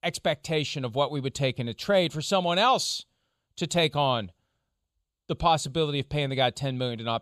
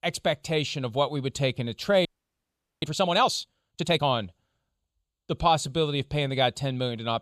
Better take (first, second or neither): first